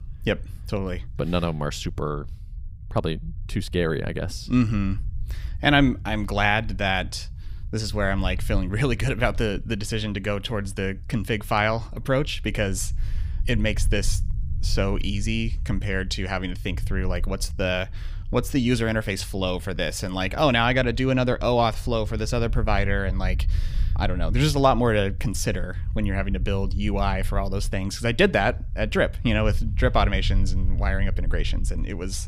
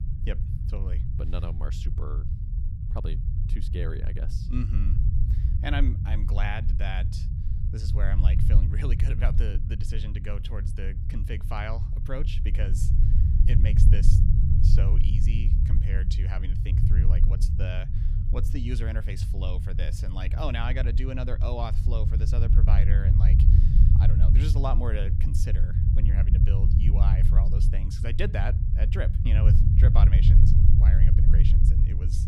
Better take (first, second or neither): first